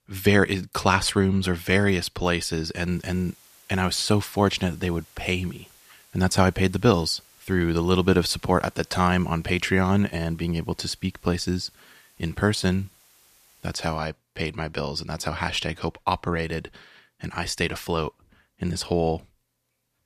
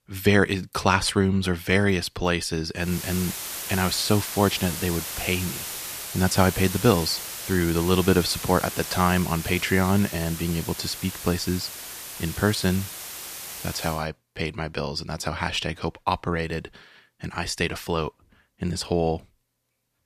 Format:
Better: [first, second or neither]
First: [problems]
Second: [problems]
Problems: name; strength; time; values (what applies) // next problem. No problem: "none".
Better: first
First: hiss; faint; from 3 to 14 s; 30 dB below the speech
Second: hiss; loud; from 3 to 14 s; 8 dB below the speech